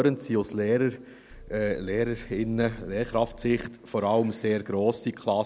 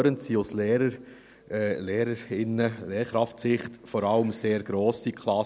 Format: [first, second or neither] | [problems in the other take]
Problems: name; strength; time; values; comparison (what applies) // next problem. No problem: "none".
second | background sound (Idling / Car); 18 dB below the speech